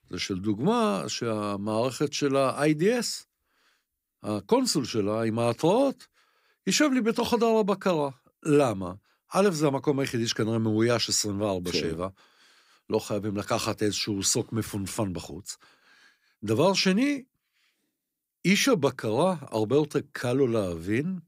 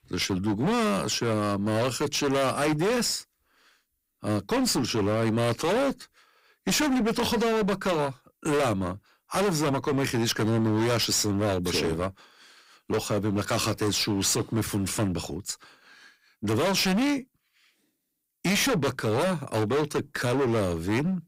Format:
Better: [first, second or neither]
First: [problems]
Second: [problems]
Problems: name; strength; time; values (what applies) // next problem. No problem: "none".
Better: first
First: none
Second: distortion; heavy; 22% of the sound clipped